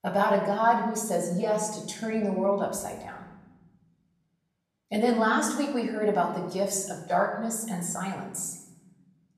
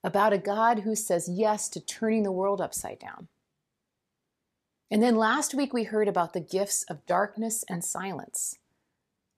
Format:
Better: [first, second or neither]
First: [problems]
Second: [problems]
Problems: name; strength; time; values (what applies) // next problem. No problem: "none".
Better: second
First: room echo; noticeable; dies away in 1 s // off-mic speech; somewhat distant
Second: none